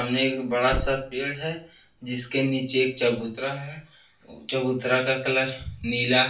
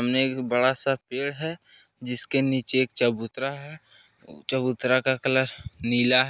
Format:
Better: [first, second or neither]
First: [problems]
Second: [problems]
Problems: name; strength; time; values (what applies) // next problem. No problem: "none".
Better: second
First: background sound (Thump, thud); 14 dB below the speech // room echo; dies away in 0.3 s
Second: none